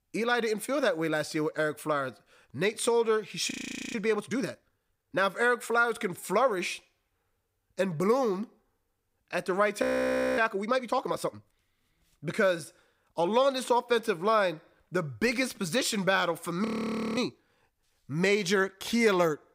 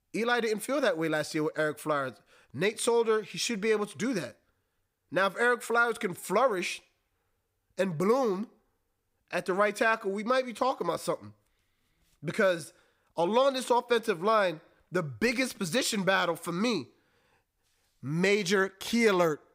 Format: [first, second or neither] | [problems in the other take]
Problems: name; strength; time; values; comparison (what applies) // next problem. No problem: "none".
second | audio freezing; at 3.5 s, at 10 s for 0.5 s and at 17 s for 0.5 s